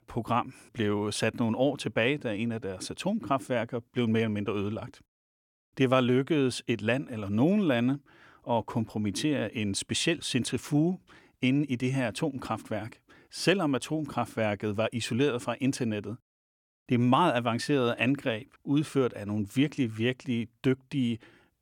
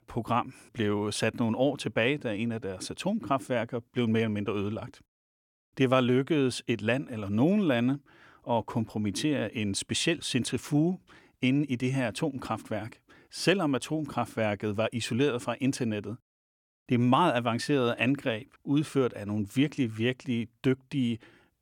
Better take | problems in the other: neither | none

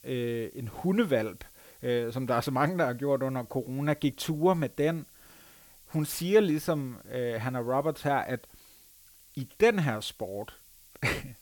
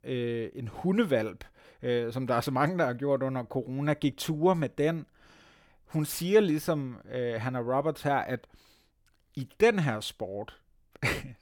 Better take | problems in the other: second | hiss; faint; throughout; 25 dB below the speech

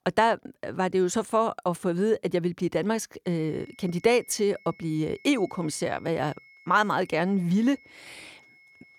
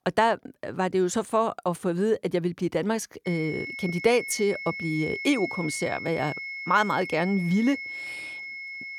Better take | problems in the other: first | high-pitched whine; loud; from 3.5 s on; 2 kHz, 7 dB below the speech; faint in the first

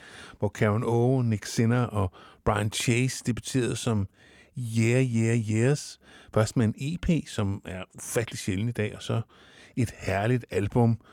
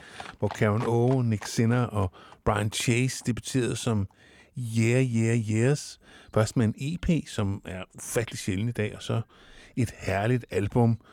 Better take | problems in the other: first | animal sounds; noticeable; throughout; 20 dB below the speech

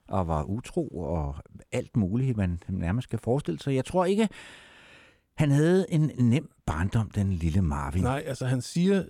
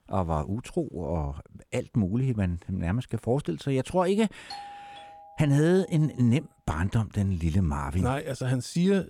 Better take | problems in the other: first | doorbell; faint; from 4.5 to 6 s; peak 15 dB below the speech

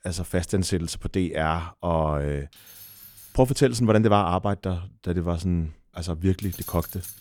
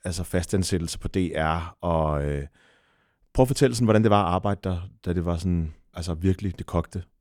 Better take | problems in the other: second | jangling keys; faint; at 2.5 s and at 6.5 s; peak 10 dB below the speech

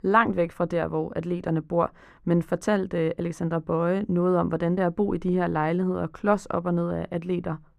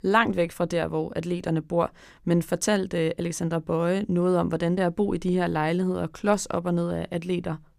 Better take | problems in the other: second | muffled; slightly; fading above 2.5 kHz

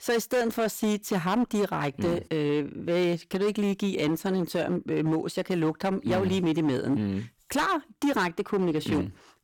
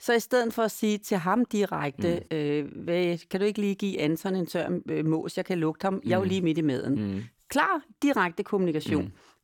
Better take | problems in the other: second | distortion; slight; 11% of the sound clipped

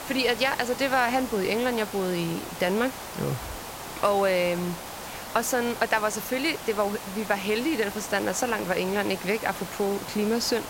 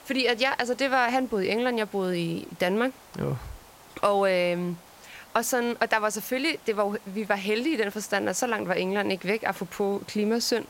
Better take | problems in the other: second | hiss; loud; throughout; 10 dB below the speech; faint in the second

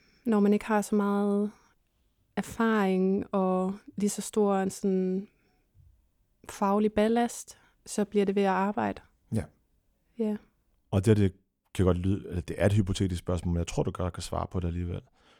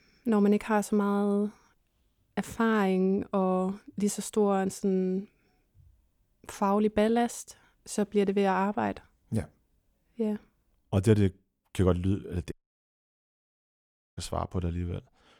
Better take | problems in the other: first | audio cutting out; at 13 s for 1.5 s

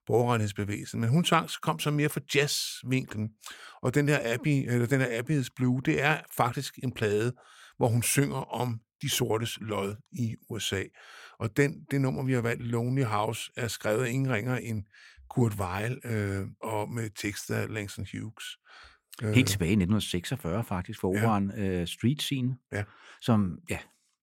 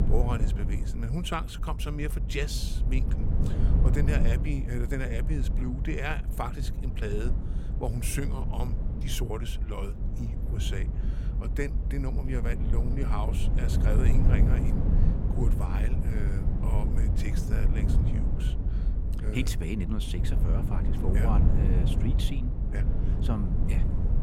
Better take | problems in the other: first | low rumble; loud; throughout; 4 dB below the speech

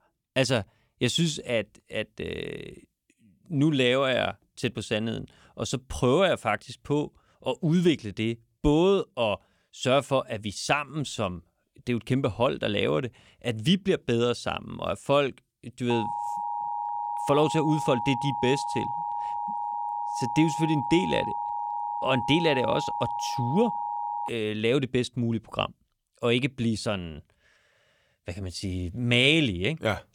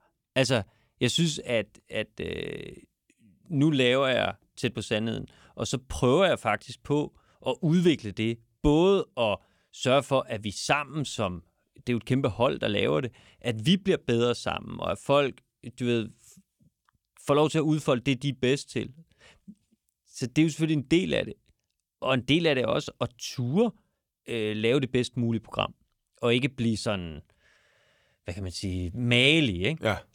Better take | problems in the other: second | alarm; noticeable; from 16 to 24 s; peak 4 dB below the speech

